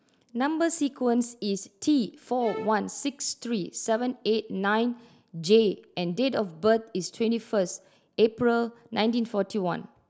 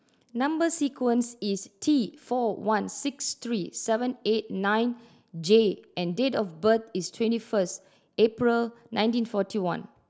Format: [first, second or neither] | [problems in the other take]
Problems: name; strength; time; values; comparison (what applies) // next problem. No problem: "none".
second | background sound (Bowed string instrument); 13 dB below the speech